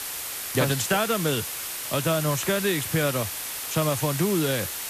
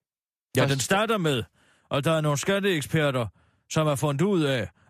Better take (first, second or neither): second